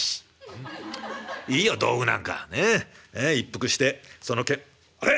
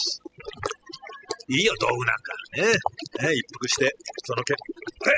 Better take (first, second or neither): first